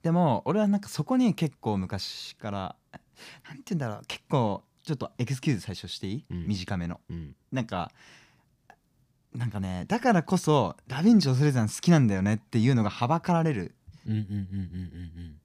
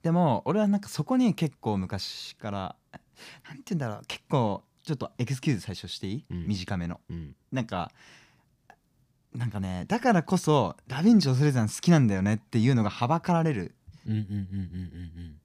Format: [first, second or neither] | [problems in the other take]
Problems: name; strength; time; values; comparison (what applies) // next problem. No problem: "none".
neither | none